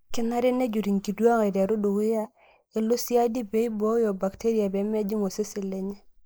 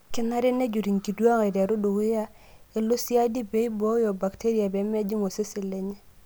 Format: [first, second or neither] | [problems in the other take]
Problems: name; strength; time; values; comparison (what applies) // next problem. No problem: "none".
second | noise reduction (neural mask model Resemble Enhance denoiser)